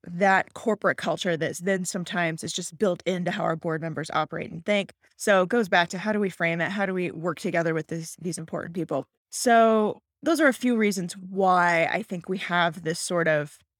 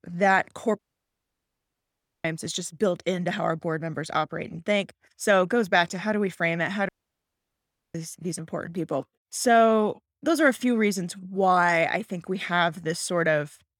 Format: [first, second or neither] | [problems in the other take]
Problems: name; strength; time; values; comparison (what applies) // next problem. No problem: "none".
first | audio cutting out; at 1 s for 1.5 s and at 7 s for 1 s